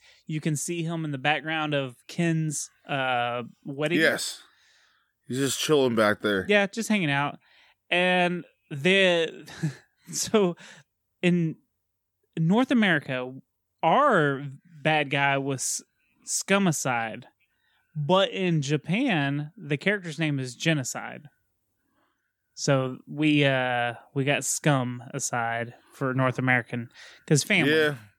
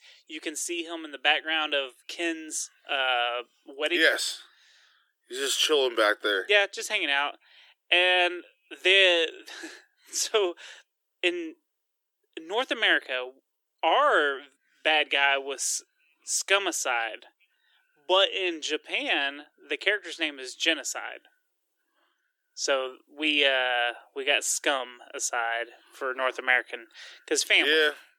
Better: first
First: none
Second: thin; very; fading below 350 Hz

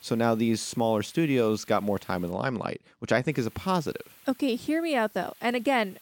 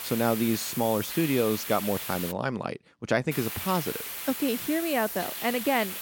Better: first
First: hiss; faint; until 2.5 s and from 3.5 s on; 25 dB below the speech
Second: hiss; loud; until 2.5 s and from 3.5 s on; 5 dB below the speech

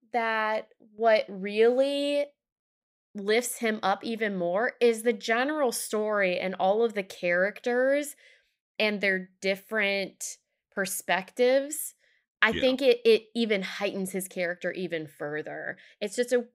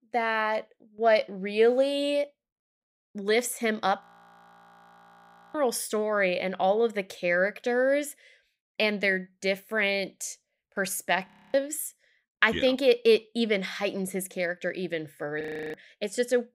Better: first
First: none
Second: audio freezing; at 4 s for 1.5 s, at 11 s and at 15 s

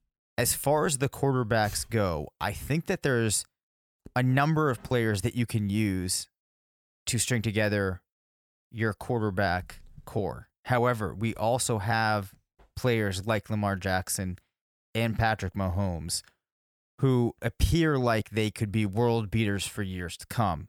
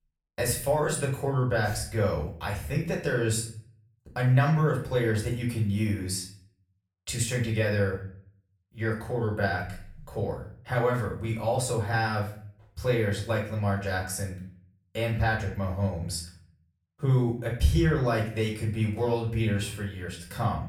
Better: first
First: none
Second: room echo; slight; dies away in 0.5 s // off-mic speech; far

